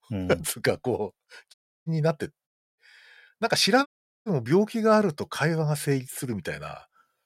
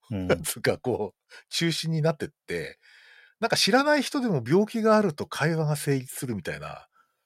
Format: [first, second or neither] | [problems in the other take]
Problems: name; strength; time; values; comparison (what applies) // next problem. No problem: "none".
second | audio cutting out; at 1.5 s, at 2.5 s and at 4 s